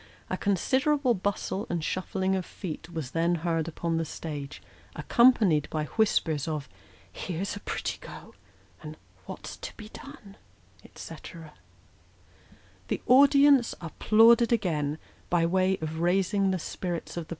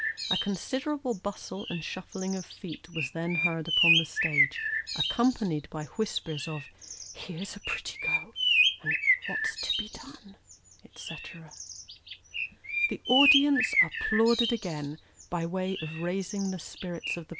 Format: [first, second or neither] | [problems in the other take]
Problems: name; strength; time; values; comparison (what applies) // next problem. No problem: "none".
first | background sound (Bird); 1 dB above the speech